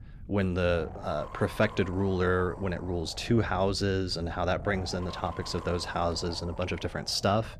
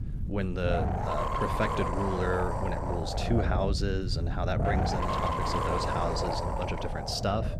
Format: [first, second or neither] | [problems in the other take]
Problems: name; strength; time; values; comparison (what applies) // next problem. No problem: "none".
first | wind noise on the microphone; heavy; 2 dB above the speech; occasional gusts in the first